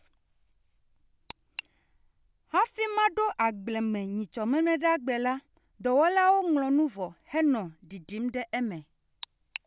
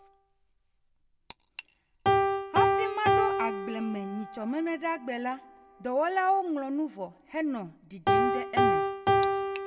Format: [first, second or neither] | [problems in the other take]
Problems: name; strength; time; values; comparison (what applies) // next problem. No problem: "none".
first | background sound (Piano); 3 dB above the speech // room echo; dies away in 1.8 s